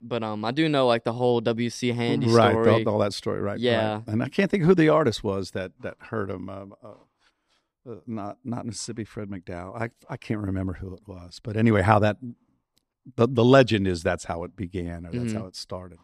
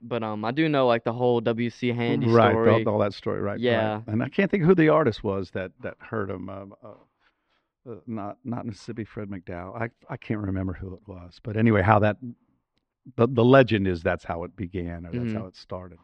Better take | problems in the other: first | muffled; slightly; fading above 2.5 kHz

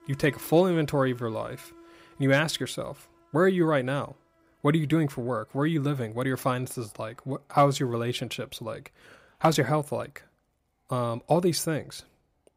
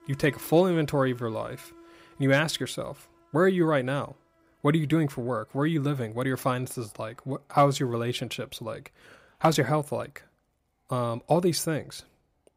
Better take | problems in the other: neither | animal sounds; faint; throughout; 30 dB below the speech; the same in both

